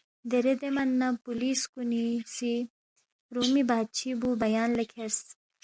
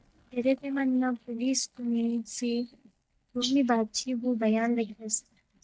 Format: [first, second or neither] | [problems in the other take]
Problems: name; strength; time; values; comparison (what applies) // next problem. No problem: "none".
first | noise reduction (neural mask model DeepFilterNet 3)